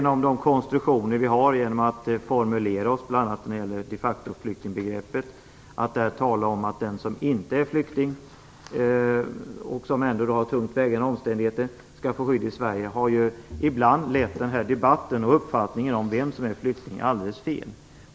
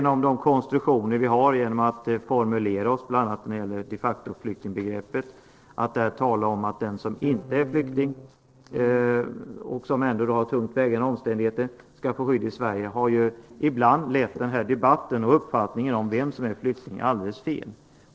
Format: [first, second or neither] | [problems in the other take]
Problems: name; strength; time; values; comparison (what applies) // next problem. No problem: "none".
first | noise reduction (neural separator model SepFormer DNS4)